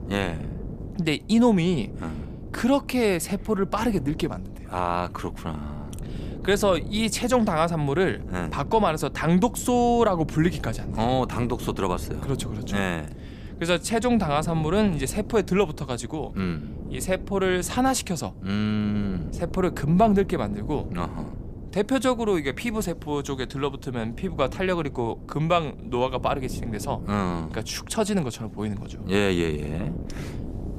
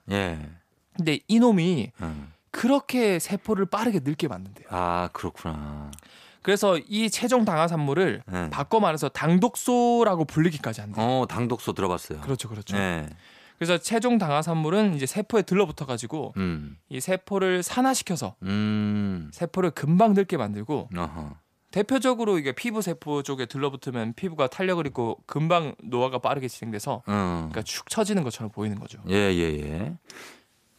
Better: second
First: wind noise on the microphone; occasional gusts; 20 dB below the speech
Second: none

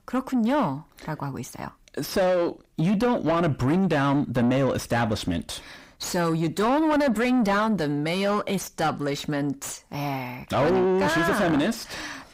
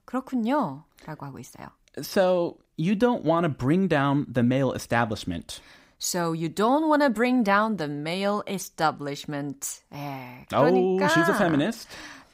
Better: second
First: distortion; heavy; 8 dB below the speech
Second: none

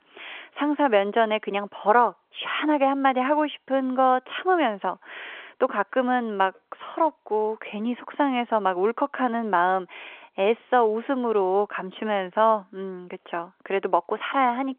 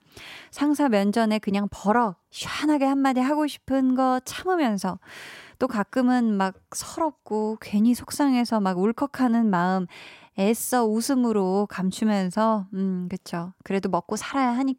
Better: second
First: phone-call audio; nothing above 3.5 kHz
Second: none

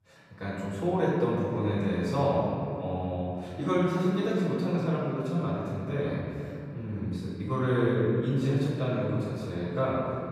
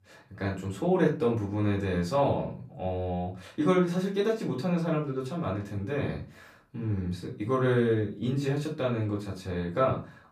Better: second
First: room echo; strong; dies away in 2.6 s // off-mic speech; far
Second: room echo; slight; dies away in 0.3 s // off-mic speech; far

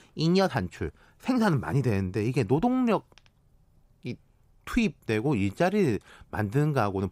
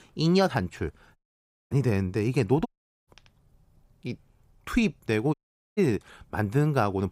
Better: first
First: none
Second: audio cutting out; at 1 s for 0.5 s, at 2.5 s and at 5.5 s

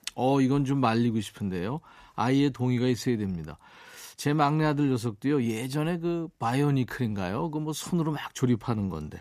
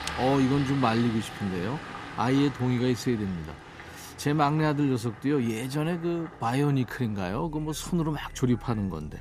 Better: first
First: none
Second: traffic noise; noticeable; throughout; 15 dB below the speech

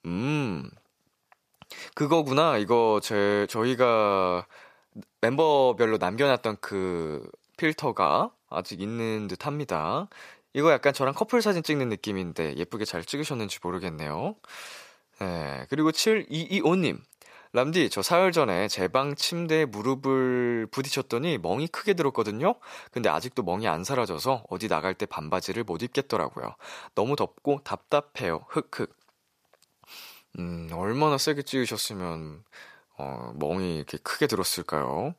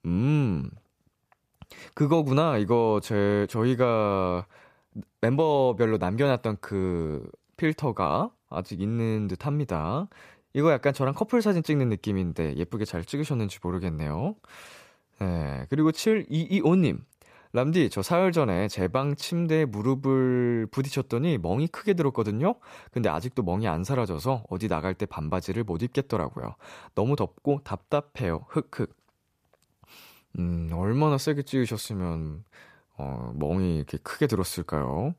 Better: second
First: thin; very slightly; fading below 1 kHz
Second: none

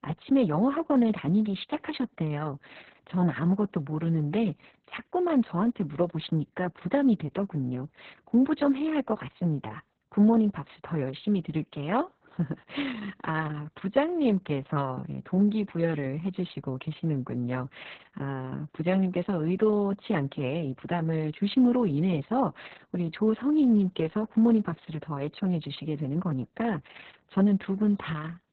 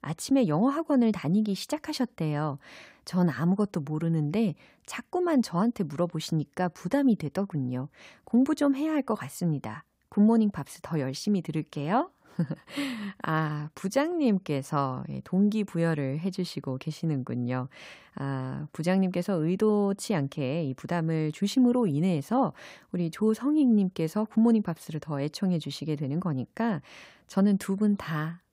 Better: second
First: garbled, watery; badly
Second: none

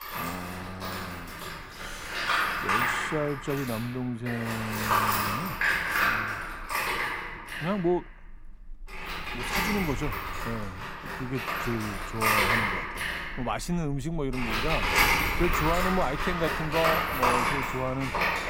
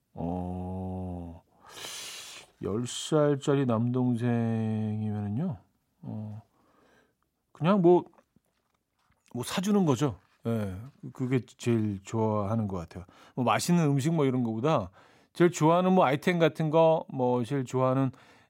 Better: second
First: machinery noise; very loud; throughout; 4 dB above the speech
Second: none

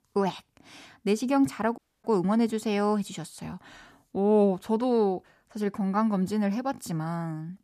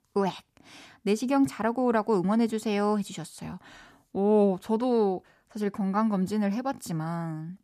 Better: second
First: audio cutting out; at 2 s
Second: none

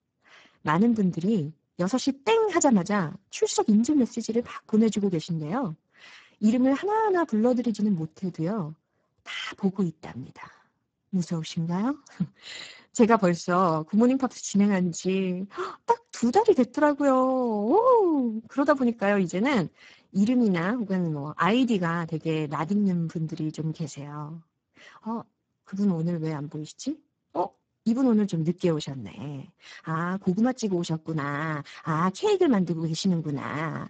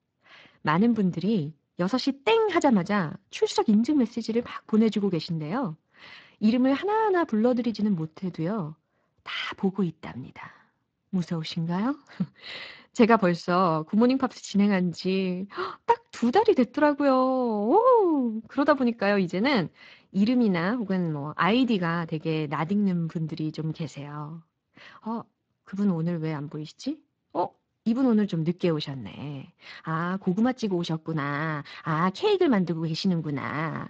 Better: second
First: garbled, watery; badly; nothing above 7.5 kHz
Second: garbled, watery; slightly; nothing above 7.5 kHz

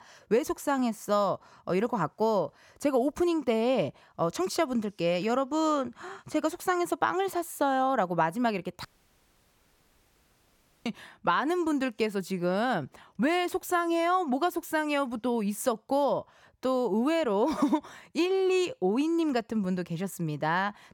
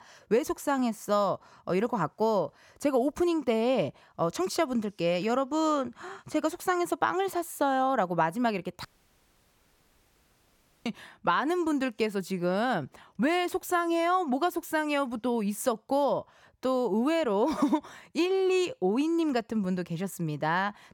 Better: neither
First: audio cutting out; at 9 s for 2 s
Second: audio cutting out; at 9 s for 2 s

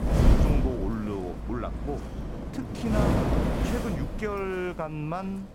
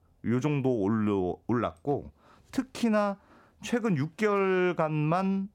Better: second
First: wind noise on the microphone; heavy; 1 dB above the speech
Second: none

